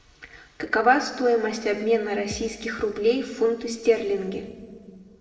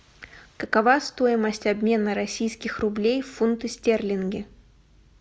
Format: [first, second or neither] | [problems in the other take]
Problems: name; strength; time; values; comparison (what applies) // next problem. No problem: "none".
second | noise reduction (neural separator model SepFormer DNS4)